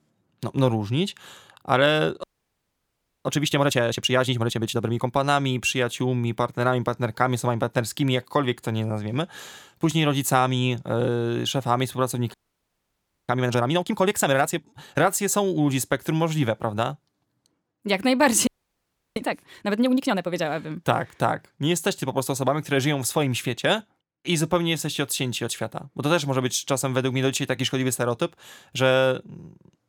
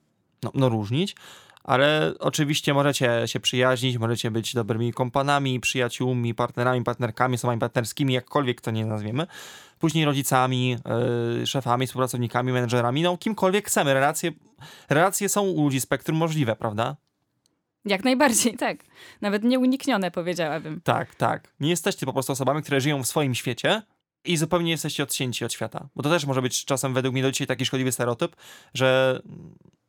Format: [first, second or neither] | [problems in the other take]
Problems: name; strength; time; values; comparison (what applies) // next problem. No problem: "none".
second | audio freezing; at 2 s for 1 s, at 12 s for 1 s and at 18 s for 0.5 s